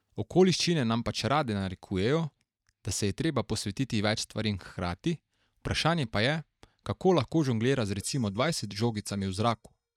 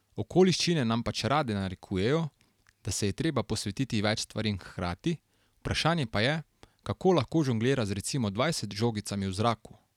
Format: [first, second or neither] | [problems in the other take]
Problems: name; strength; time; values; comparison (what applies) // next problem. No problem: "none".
second | noise reduction (neural mask model DeepFilterNet 3)